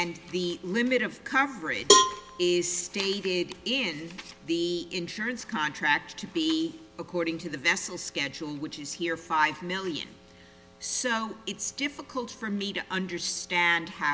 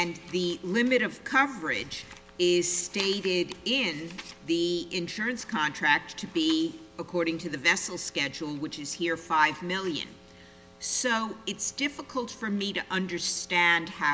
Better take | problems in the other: second | background sound (Cowbell); 3 dB above the speech

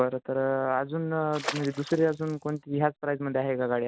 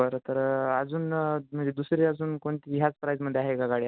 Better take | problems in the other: second | background sound (Water / Splash, splatter); 11 dB below the speech

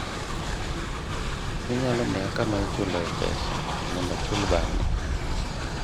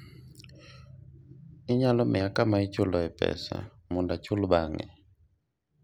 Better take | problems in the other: second | background sound (Train); 3 dB above the speech

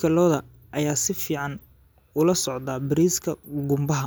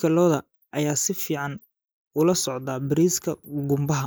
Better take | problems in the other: first | noise reduction (neural mask model Resemble Enhance denoiser)

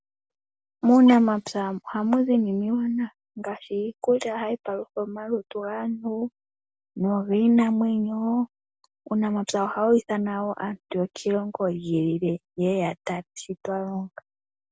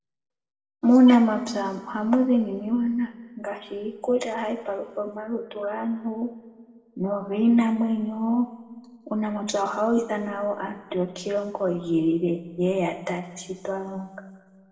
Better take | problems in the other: first | room echo; dies away in 1.1 s

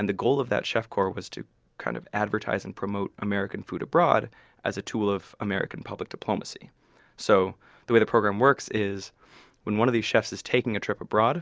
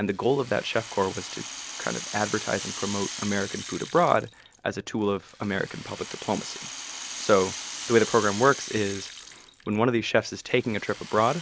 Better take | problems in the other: first | background sound (Rattle (instrument)); 12 dB below the speech

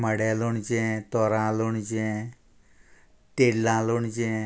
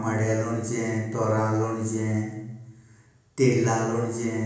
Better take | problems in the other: first | room echo; dies away in 1 s

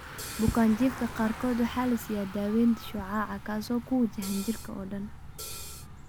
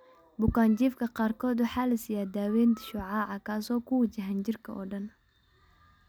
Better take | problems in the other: second | background sound (Bicycle + Hi-hat); 12 dB below the speech

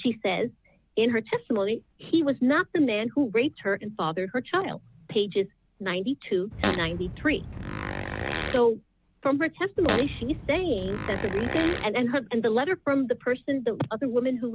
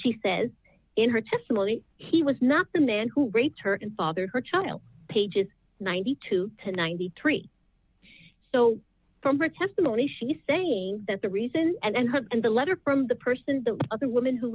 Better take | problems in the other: second | background sound (Fart); 5 dB below the speech

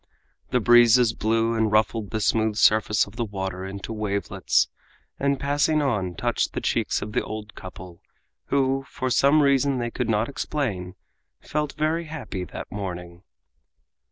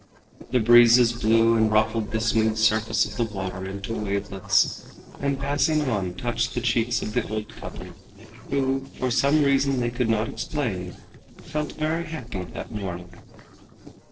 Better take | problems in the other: first | noise reduction (neural separator model SepFormer DNS4)

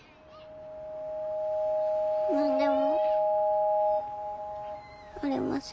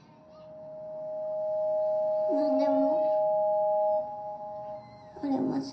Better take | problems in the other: first | room echo; dies away in 0.6 s

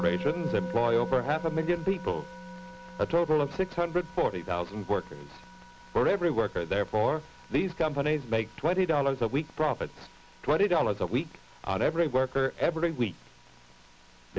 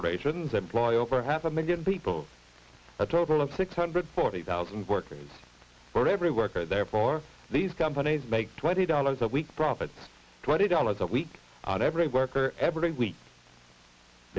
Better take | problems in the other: second | background sound (Musical instrument); 14 dB below the speech

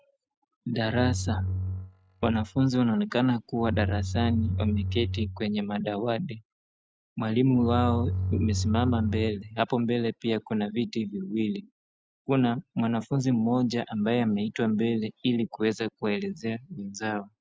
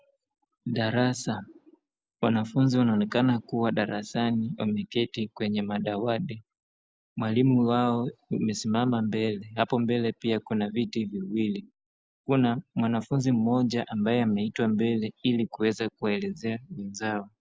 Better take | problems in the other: second | noise reduction (neural mask model RNNoise)

